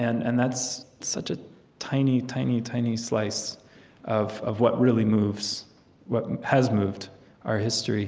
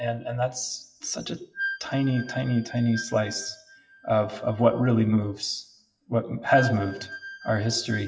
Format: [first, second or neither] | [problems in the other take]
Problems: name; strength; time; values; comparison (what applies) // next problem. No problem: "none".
first | noise reduction (classical method WPE with log-MMSE)